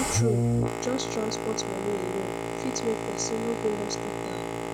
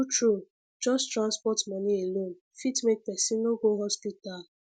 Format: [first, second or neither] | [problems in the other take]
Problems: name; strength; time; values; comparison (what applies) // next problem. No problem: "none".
second | background sound (Boat, Water vehicle); 3 dB above the speech